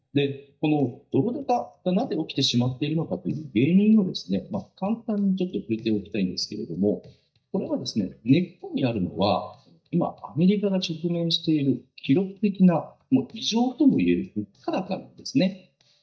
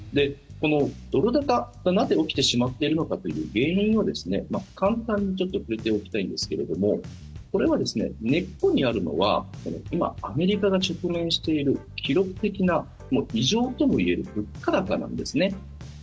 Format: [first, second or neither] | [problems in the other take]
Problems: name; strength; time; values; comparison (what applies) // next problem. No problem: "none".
second | noise reduction (neural mask model DeepFilterNet 3)